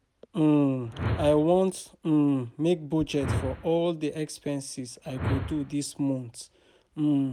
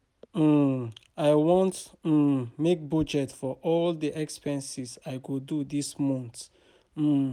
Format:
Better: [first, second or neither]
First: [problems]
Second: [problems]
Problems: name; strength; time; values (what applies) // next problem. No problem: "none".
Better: second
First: background sound (Whoosh, swoosh, swish); 9 dB below the speech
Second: none